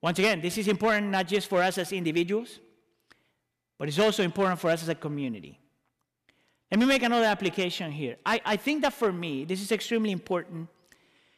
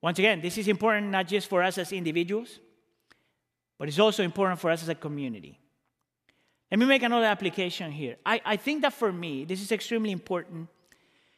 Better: second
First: distortion; slight; 3% of the sound clipped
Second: none

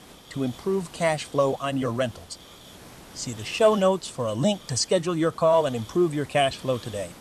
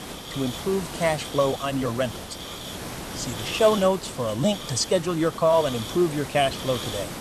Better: first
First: hiss; faint; throughout; 20 dB below the speech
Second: hiss; loud; throughout; 9 dB below the speech

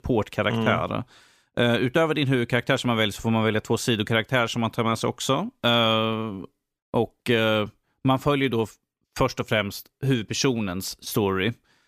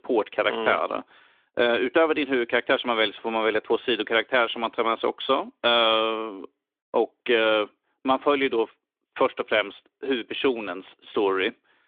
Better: first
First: none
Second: phone-call audio; nothing above 3.5 kHz

